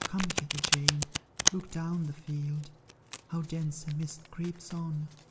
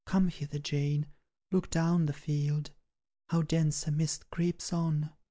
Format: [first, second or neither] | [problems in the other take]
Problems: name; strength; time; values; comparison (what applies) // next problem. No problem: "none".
second | background sound (Domestic sounds, home sounds); as loud as the speech // room echo; dies away in 0.6 s